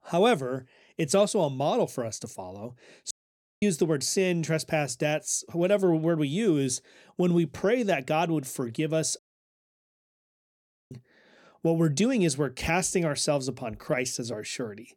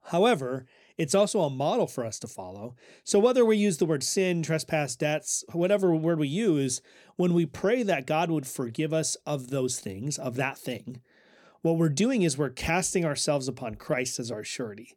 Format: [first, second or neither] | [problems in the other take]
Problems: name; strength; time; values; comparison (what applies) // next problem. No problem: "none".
second | audio cutting out; at 3 s for 0.5 s and at 9 s for 1.5 s